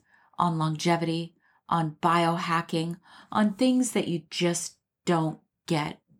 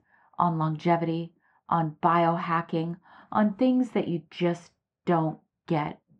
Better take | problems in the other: first | muffled; very; fading above 2 kHz

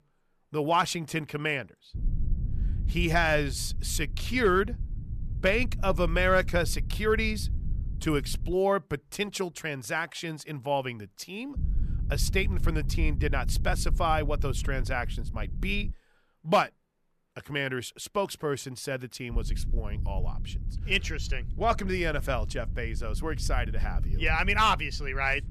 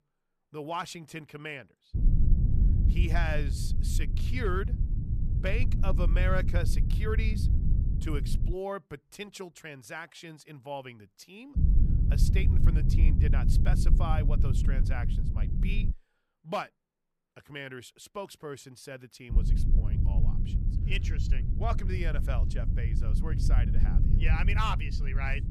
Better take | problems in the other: first | low rumble; loud; from 2 to 8.5 s, from 12 to 16 s and from 19 s on; 7 dB below the speech; faint in the first

